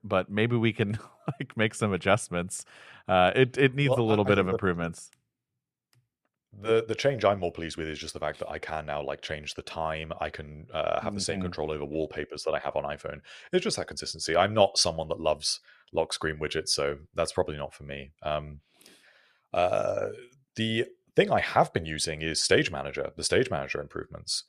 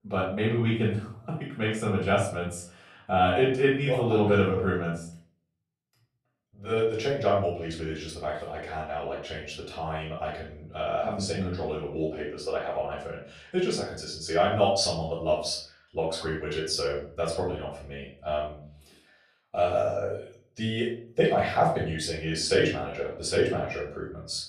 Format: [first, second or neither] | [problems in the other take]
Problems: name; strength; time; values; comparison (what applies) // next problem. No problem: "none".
first | off-mic speech; far // room echo; noticeable; dies away in 0.4 s